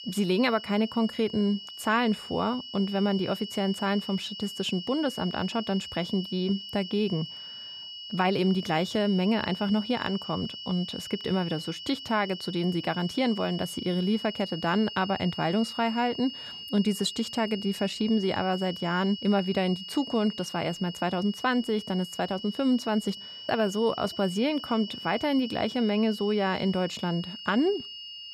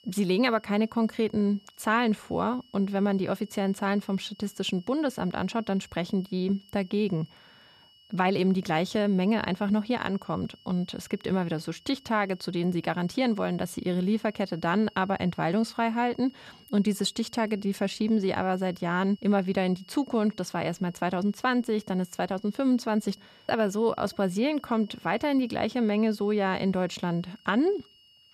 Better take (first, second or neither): second